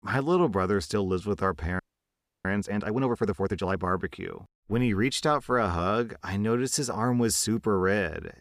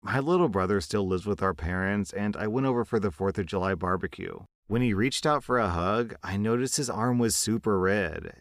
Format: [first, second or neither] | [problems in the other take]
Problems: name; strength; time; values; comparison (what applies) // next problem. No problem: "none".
second | audio freezing; at 2 s for 0.5 s